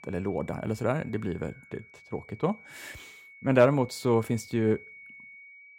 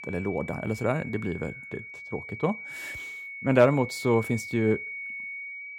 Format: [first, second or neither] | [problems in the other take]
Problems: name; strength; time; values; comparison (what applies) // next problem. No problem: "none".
first | high-pitched whine; loud; throughout; 2 kHz, 10 dB below the speech; faint in the first